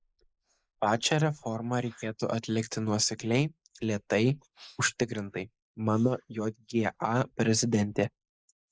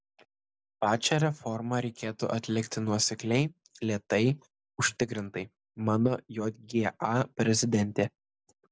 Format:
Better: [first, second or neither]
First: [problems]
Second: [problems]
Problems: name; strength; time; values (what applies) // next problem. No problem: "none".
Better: second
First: noise reduction (neural mask model Resemble Enhance denoiser)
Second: none